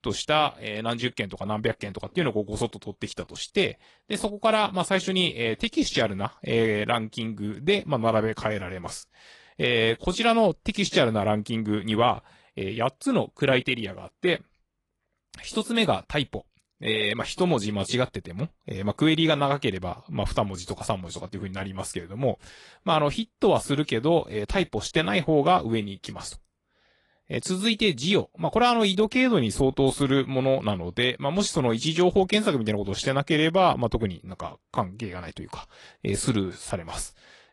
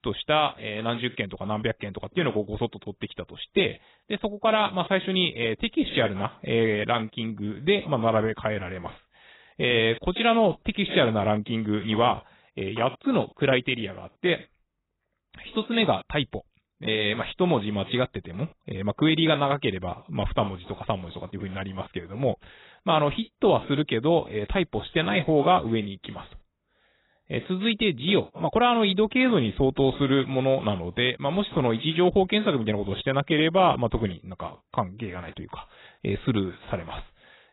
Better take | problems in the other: first | garbled, watery; badly; nothing above 4 kHz; slightly in the first

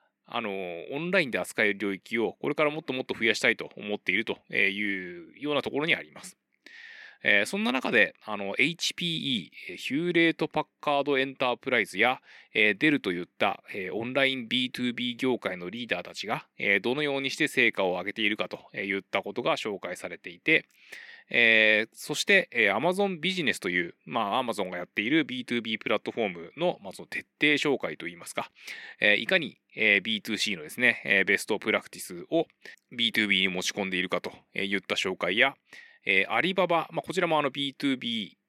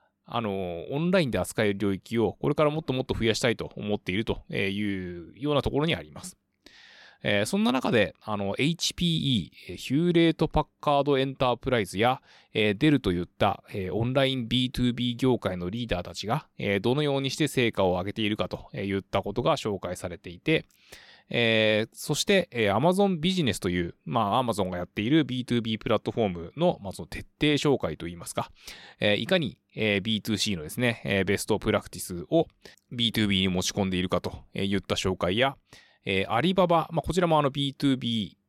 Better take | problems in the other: second | thin; very slightly; fading below 250 Hz

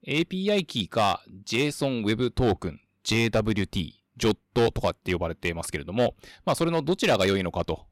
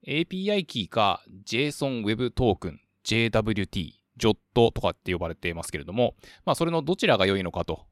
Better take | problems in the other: second | distortion; slight; 4% of the sound clipped

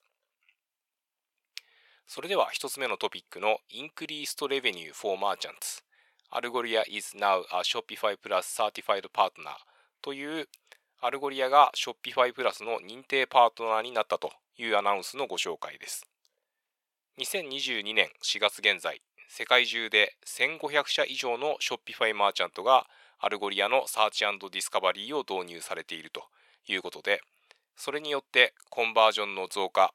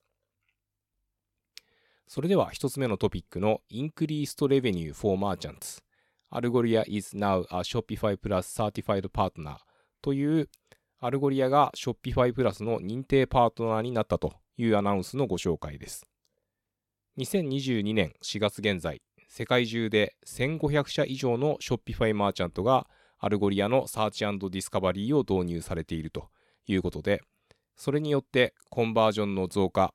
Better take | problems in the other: second | thin; very; fading below 800 Hz

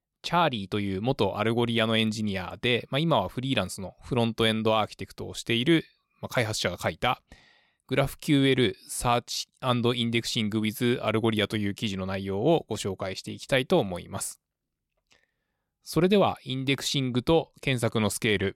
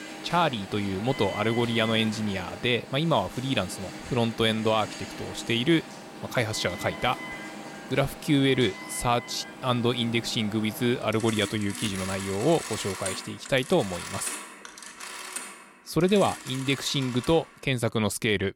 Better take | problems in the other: first | alarms or sirens; noticeable; throughout; 10 dB below the speech

